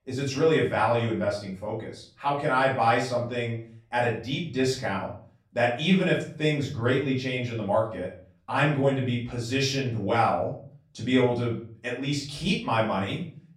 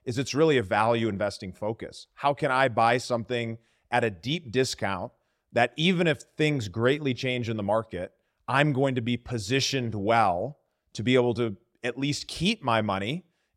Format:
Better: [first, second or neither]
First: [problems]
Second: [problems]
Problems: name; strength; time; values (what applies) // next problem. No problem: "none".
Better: second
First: off-mic speech; far // room echo; slight; dies away in 0.4 s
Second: none